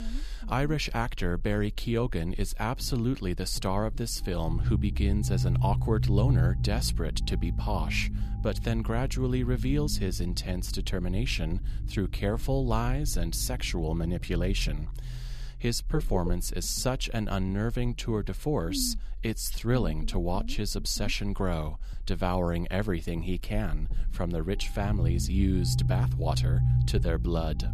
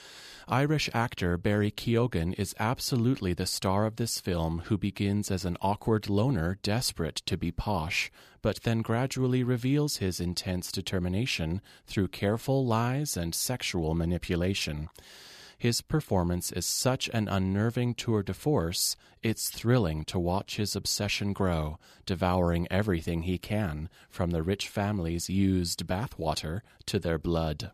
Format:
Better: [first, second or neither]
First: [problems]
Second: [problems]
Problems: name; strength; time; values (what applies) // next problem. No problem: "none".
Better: second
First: low rumble; noticeable; throughout; 10 dB below the speech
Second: none